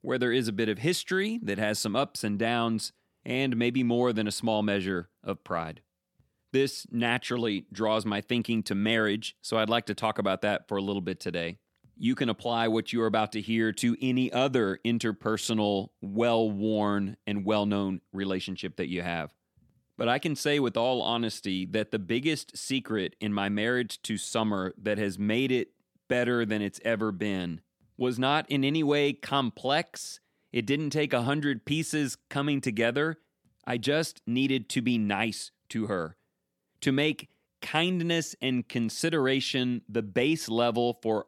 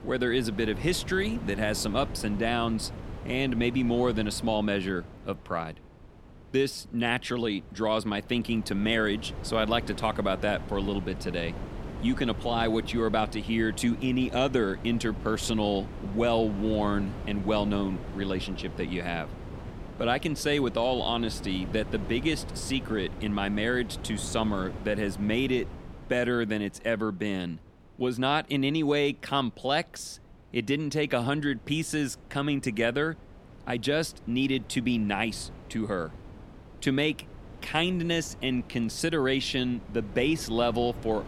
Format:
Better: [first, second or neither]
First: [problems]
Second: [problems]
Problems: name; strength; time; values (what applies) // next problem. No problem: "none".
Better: first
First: none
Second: wind noise on the microphone; occasional gusts; 15 dB below the speech